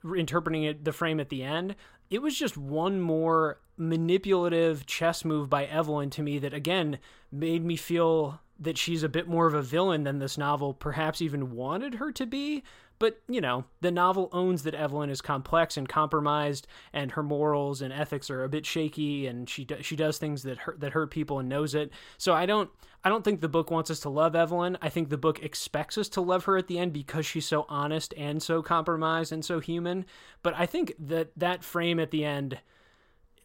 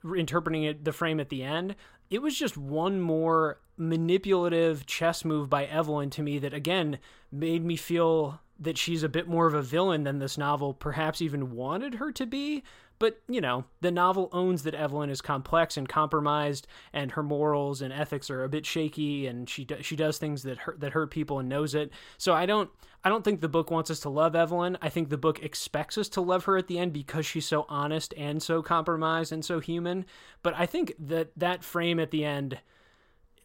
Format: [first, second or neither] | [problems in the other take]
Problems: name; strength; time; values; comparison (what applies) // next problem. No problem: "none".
neither | none